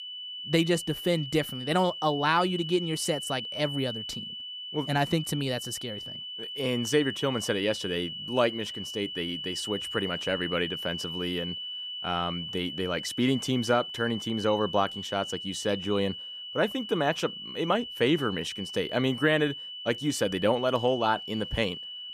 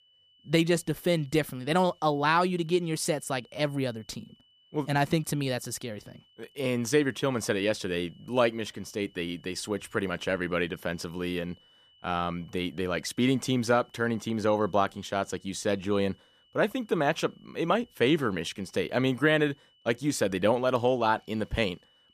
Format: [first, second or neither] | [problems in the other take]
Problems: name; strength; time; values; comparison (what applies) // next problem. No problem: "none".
second | high-pitched whine; loud; throughout; 3 kHz, 7 dB below the speech; faint in the second